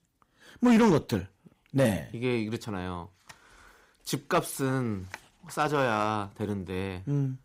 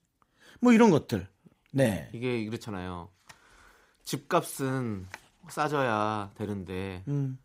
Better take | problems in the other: second | distortion; slight; 2% of the sound clipped

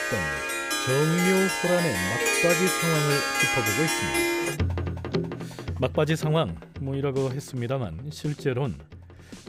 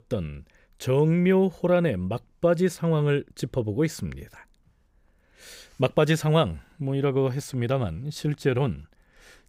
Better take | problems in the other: second | background music; very loud; throughout; 2 dB above the speech

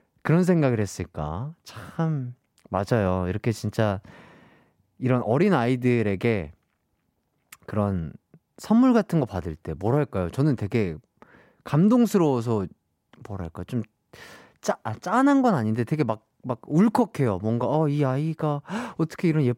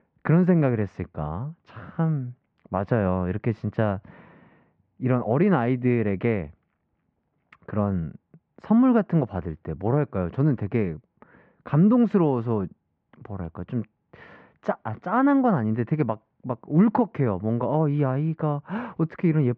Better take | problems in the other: first | muffled; very; fading above 2.5 kHz

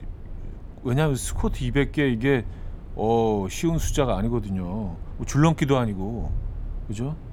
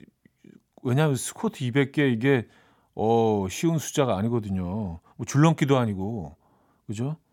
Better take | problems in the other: second | low rumble; faint; throughout; 25 dB below the speech

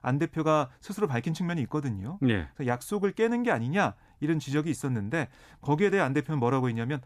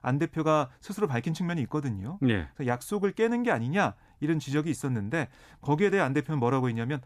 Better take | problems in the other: neither | none

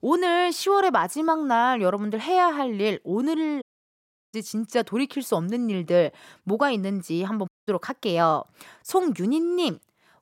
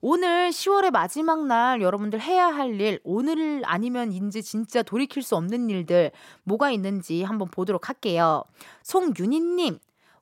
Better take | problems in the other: second | audio cutting out; at 3.5 s for 0.5 s and at 7.5 s

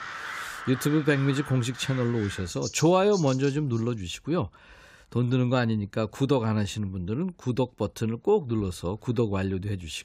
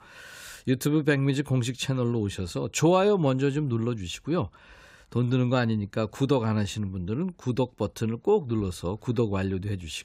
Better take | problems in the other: second | animal sounds; noticeable; until 3.5 s; 10 dB below the speech

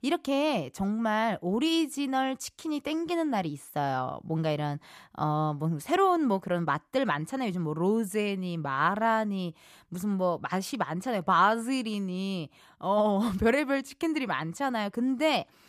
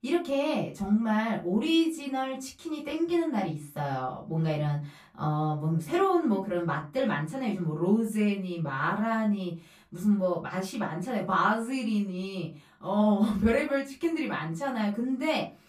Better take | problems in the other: first | off-mic speech; far // room echo; very slight; dies away in 0.2 s

